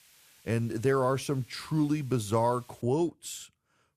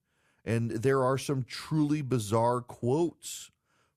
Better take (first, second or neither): second